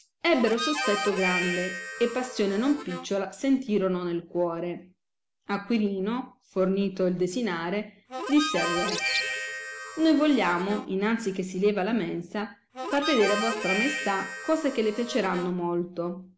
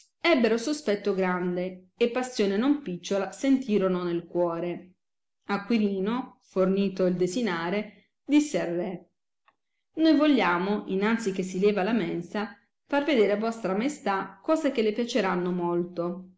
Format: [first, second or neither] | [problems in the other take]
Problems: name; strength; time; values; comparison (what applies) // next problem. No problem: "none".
second | background sound (Harmonica + Bird); 5 dB below the speech